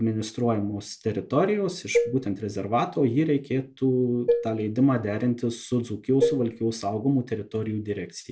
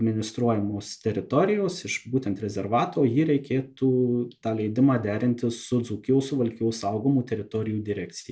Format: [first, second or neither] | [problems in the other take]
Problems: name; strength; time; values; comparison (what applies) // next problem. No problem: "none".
second | background sound (Dishes, pots, and pans); 3 dB below the speech